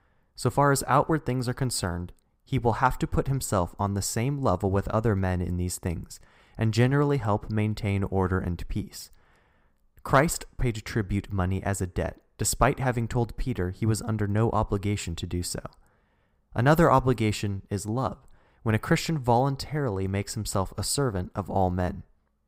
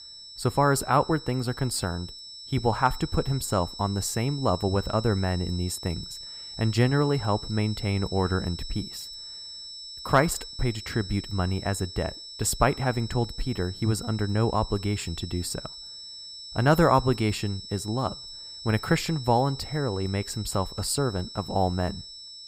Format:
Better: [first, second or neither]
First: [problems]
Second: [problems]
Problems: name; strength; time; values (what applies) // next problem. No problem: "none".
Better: first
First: none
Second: high-pitched whine; noticeable; throughout; 5.5 kHz, 10 dB below the speech